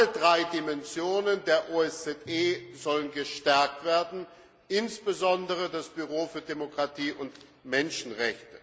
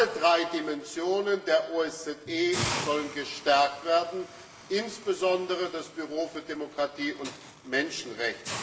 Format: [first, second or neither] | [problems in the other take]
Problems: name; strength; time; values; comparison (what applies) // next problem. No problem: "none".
first | background sound (Hiss); 12 dB below the speech // room echo; dies away in 0.7 s